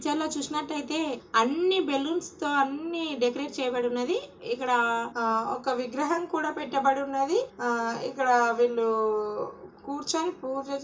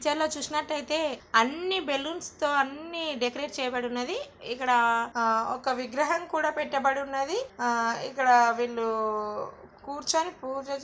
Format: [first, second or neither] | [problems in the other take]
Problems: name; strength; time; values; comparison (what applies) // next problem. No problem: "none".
second | room echo; dies away in 0.2 s